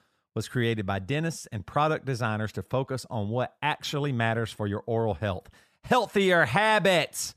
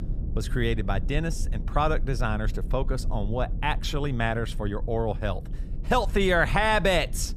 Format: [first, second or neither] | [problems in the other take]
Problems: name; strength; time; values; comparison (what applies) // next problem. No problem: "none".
first | low rumble; faint; throughout; 20 dB below the speech